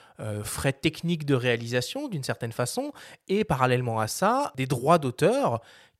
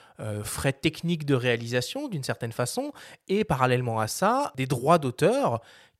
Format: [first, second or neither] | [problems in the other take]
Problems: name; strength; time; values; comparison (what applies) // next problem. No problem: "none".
neither | none